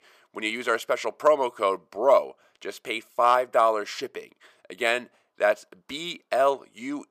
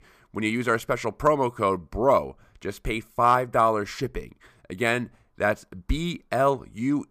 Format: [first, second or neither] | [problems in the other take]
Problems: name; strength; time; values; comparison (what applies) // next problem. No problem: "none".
second | thin; somewhat; fading below 450 Hz